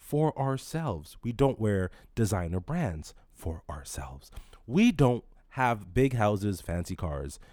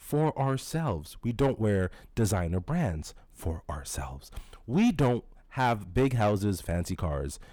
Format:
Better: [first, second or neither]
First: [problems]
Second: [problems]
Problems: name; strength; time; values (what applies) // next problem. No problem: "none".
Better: first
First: none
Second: distortion; slight; 10 dB below the speech